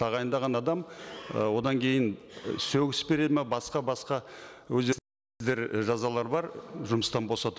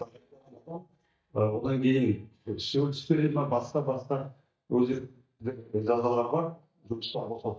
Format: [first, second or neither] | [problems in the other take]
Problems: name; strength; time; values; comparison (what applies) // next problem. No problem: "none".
first | noise reduction (neural mask model DeepFilterNet 3)